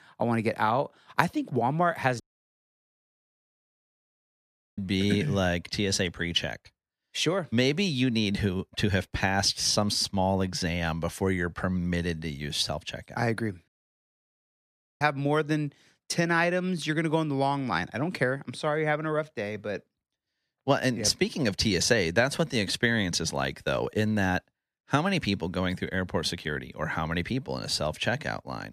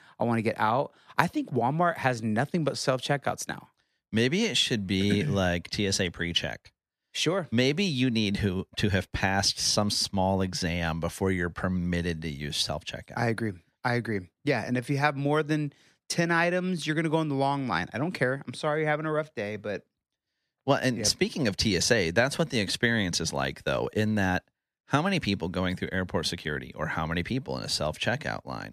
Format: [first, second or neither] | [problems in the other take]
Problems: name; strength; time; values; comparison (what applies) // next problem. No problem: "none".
second | audio cutting out; at 2 s for 2.5 s and at 14 s for 1.5 s